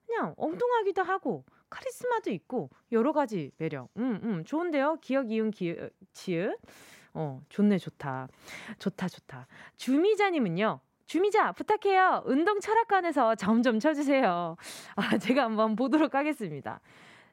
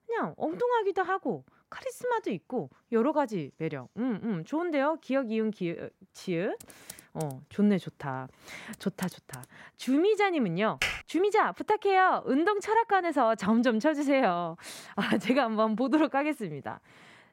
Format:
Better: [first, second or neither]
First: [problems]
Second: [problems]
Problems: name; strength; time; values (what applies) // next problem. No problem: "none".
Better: first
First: none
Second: keyboard typing; faint; from 6.5 to 9.5 s; peak 15 dB below the speech // keyboard typing; noticeable; at 11 s; peak 2 dB below the speech